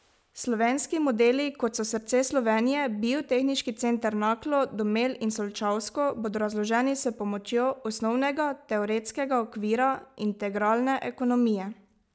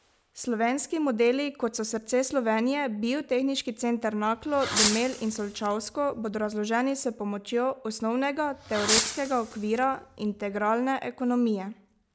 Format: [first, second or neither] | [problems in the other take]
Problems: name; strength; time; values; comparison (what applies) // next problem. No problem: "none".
first | background sound (Fireworks); 5 dB below the speech